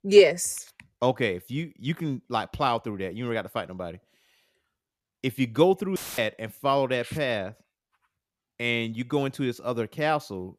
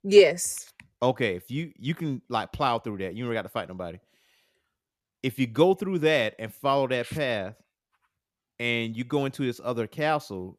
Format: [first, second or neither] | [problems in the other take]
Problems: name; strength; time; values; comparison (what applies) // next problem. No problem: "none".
second | audio cutting out; filled with static; at 6 s